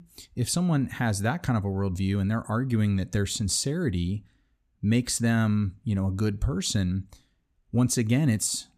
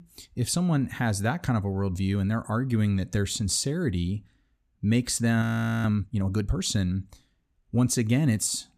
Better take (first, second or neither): first